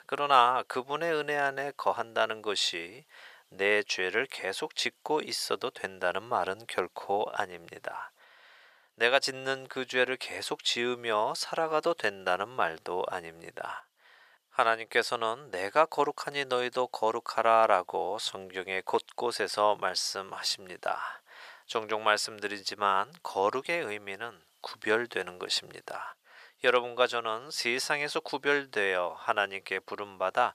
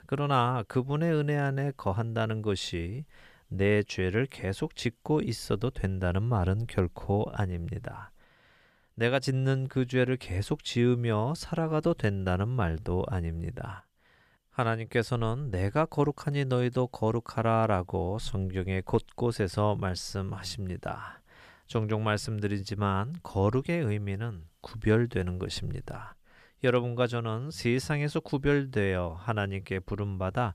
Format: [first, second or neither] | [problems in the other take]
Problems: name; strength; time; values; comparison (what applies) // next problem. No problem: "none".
second | thin; very; fading below 700 Hz